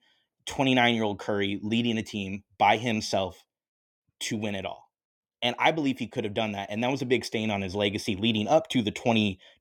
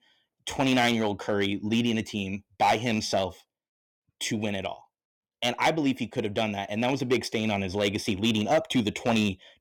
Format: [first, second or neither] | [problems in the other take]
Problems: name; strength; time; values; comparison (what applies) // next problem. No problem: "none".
first | distortion; slight; 3% of the sound clipped